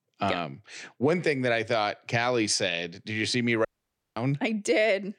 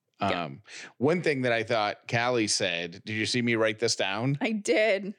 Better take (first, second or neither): second